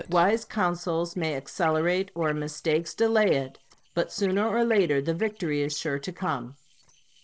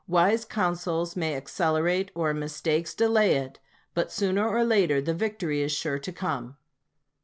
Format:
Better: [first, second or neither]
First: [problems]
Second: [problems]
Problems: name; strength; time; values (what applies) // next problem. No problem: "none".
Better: second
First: noise reduction (neural separator model SepFormer DNS4)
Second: none